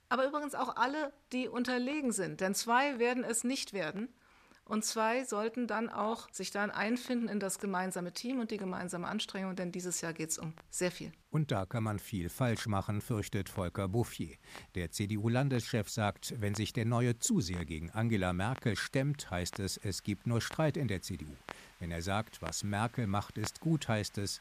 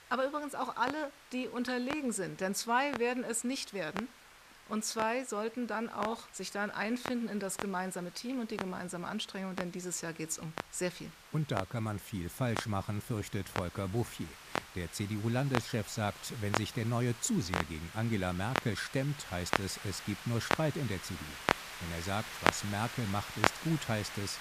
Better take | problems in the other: first | household noises; loud; throughout; 4 dB below the speech; faint in the first

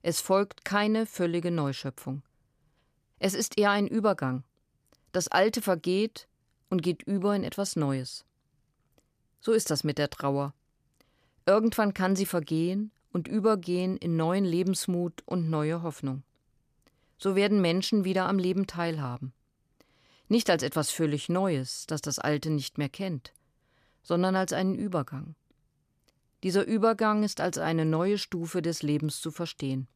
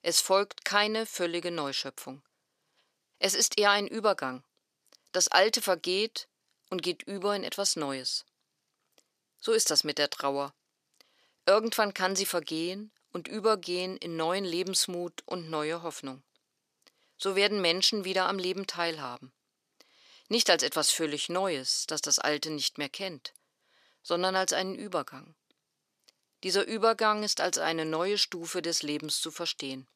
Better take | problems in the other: first | thin; somewhat; fading below 400 Hz

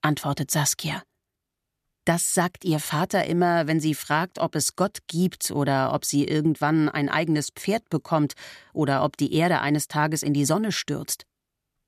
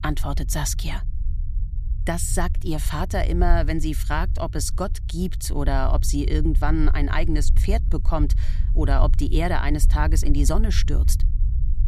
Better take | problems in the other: first | low rumble; noticeable; throughout; 15 dB below the speech

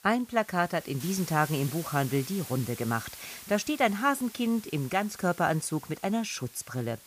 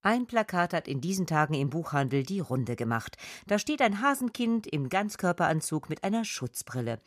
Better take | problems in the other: second | hiss; noticeable; throughout; 15 dB below the speech

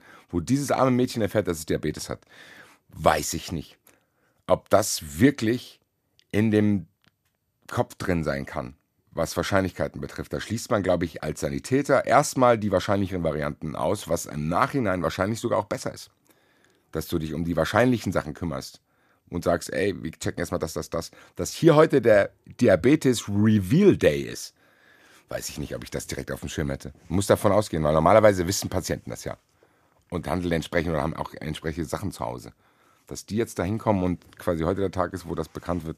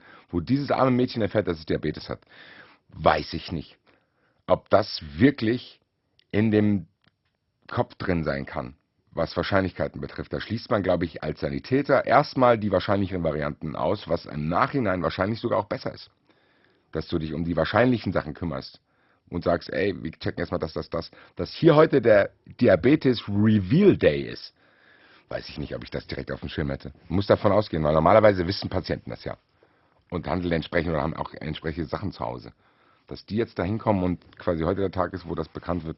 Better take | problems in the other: first | garbled, watery; badly; nothing above 5.5 kHz

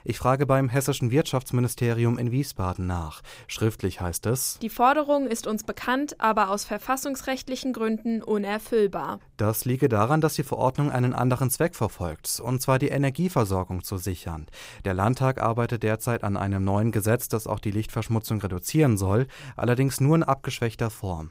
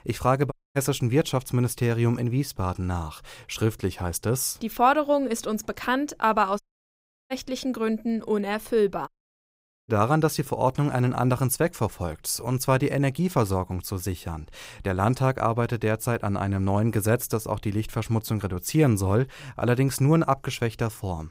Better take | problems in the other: first | audio cutting out; at 0.5 s, at 6.5 s for 0.5 s and at 9 s for 1 s

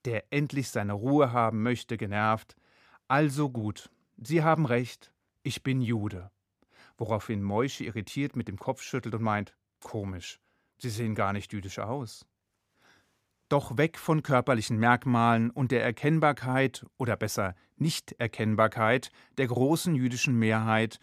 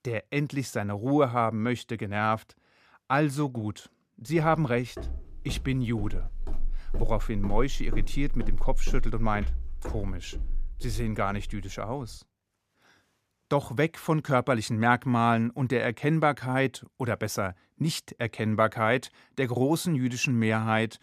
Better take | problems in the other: first | footsteps; noticeable; from 5 to 12 s; peak 6 dB below the speech

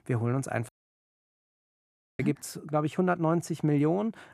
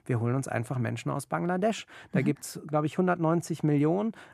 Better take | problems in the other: second | audio cutting out; at 0.5 s for 1.5 s

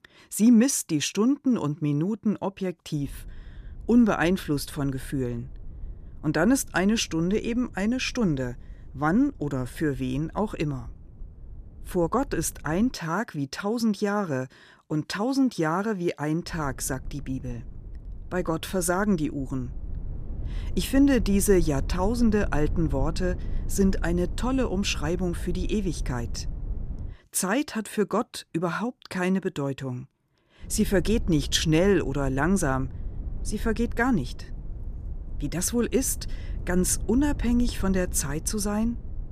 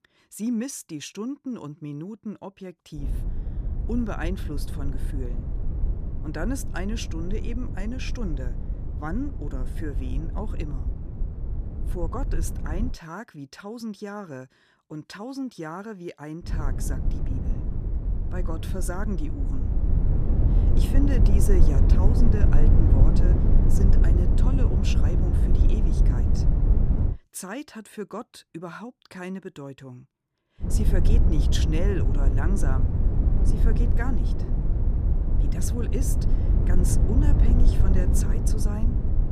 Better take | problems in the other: first | low rumble; loud; from 3 to 13 s, from 16 to 27 s and from 31 s on; 2 dB below the speech; faint in the first

